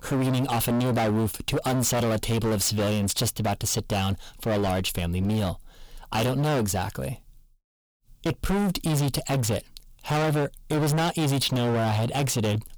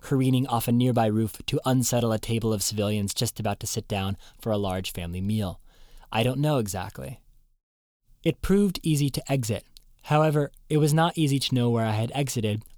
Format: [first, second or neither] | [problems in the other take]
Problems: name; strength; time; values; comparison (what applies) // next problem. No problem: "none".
second | distortion; heavy; 29% of the sound clipped